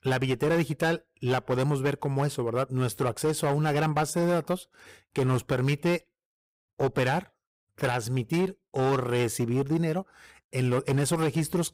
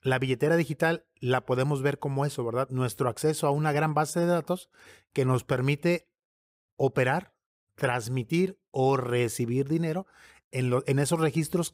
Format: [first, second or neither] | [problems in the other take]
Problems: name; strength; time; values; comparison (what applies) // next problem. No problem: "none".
second | distortion; slight; 9% of the sound clipped